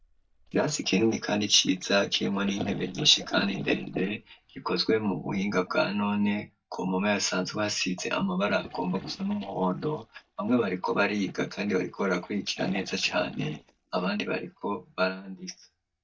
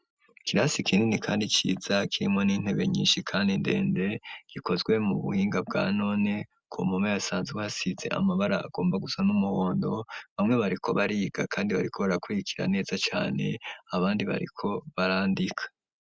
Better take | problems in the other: second | noise reduction (neural mask model DeepFilterNet 3)

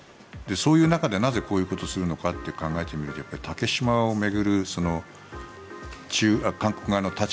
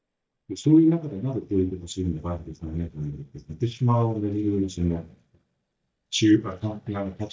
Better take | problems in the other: first | noise reduction (neural mask model DeepFilterNet 3)

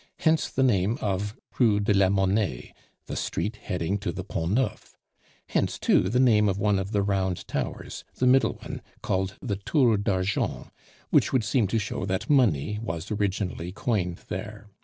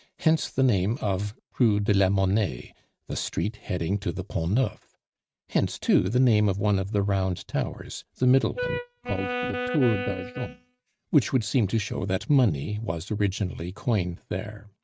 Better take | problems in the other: first | noise reduction (neural mask model RNNoise)

